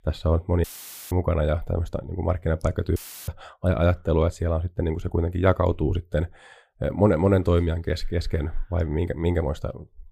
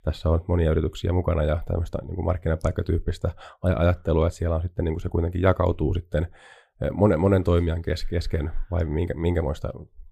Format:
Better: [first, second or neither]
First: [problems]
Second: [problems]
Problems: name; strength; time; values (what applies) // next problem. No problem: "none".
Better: second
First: audio cutting out; filled with static; at 0.5 s and at 3 s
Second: none